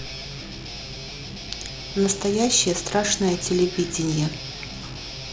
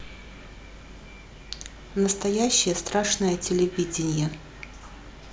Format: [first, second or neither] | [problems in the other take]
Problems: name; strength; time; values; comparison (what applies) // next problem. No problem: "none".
second | background sound (Guitar); 11 dB below the speech